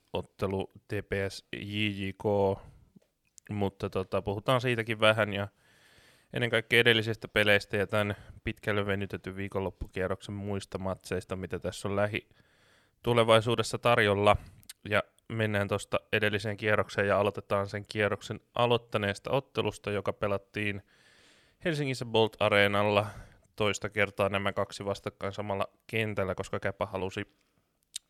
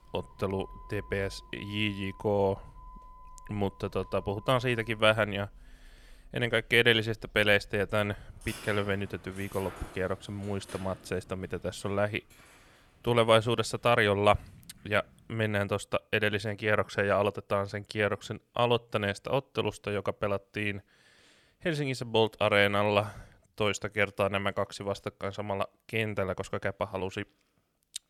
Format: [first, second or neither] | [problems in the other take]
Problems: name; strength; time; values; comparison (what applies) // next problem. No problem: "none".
first | traffic noise; faint; until 15 s; 20 dB below the speech